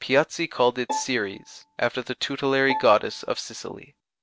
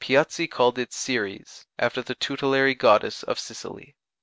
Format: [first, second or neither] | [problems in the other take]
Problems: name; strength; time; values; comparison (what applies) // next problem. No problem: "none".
second | background sound (Bowed string instrument); 11 dB below the speech